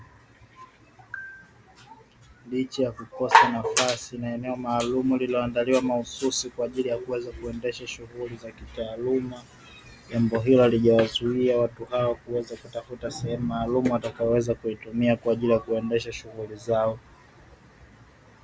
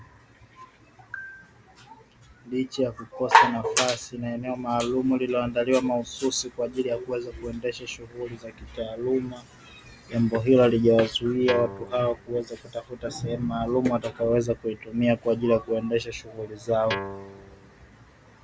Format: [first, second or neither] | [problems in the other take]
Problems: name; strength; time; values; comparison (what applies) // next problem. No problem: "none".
first | background sound (Guitar); 9 dB below the speech